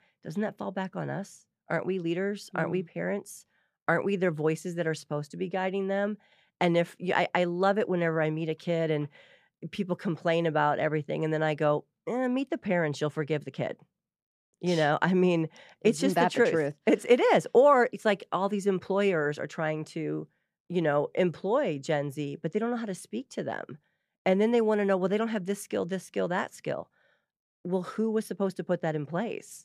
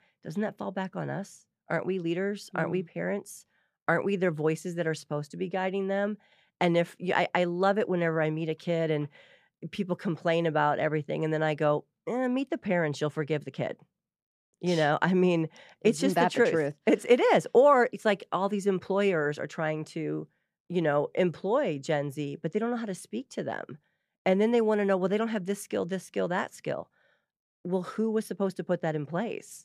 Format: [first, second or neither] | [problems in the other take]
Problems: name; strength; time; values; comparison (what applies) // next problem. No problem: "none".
neither | none